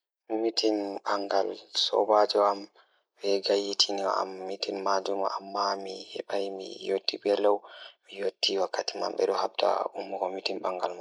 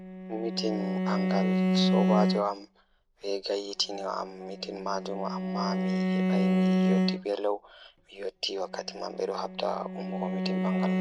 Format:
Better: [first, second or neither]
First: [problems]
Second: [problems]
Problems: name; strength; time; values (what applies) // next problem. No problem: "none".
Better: first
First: none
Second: background sound (Bowed string instrument); 4 dB above the speech